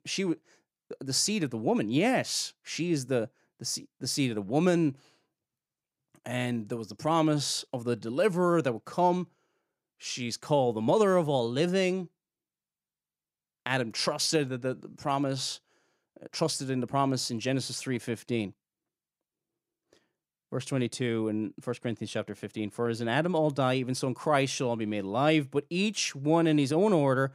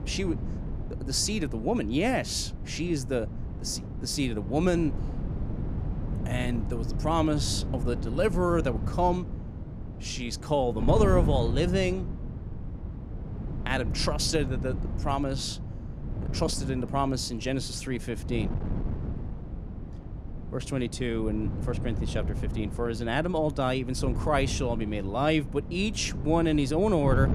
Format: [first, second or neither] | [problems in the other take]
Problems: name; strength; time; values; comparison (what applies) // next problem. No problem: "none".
first | wind noise on the microphone; occasional gusts; 15 dB below the speech